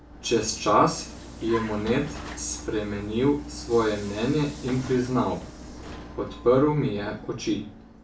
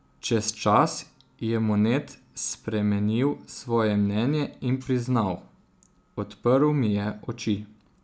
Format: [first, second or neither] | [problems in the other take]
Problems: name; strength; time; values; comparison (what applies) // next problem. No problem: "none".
second | background sound (Vehicle); 13 dB below the speech // room echo; dies away in 0.3 s